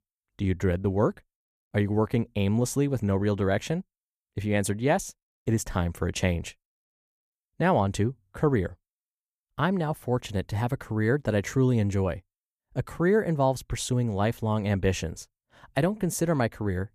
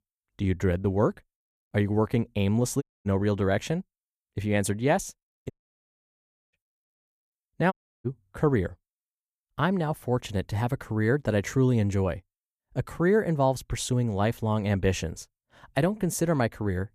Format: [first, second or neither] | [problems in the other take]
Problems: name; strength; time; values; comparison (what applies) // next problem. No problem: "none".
first | audio cutting out; at 3 s, at 5.5 s for 1 s and at 7.5 s